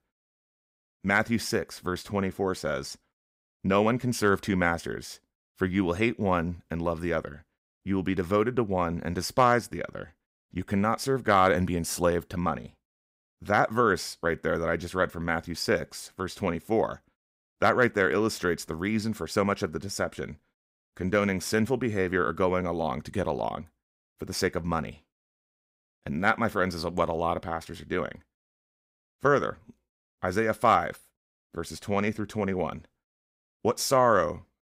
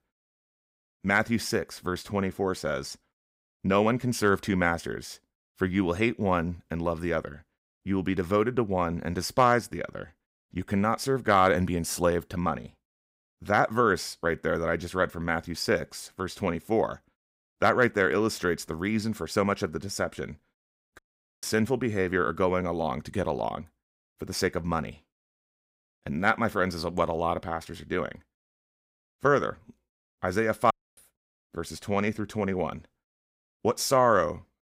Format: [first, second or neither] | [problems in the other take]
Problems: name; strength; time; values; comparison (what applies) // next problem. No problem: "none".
first | audio cutting out; at 21 s and at 31 s